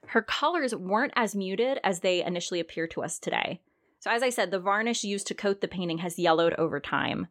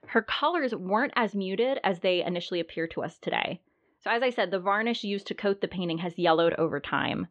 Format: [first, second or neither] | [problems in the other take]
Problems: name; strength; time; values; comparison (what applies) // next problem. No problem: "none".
first | muffled; slightly; fading above 3.5 kHz